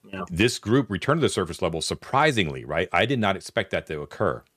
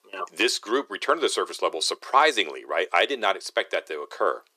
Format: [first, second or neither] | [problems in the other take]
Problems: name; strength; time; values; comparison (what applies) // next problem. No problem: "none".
first | thin; very; fading below 350 Hz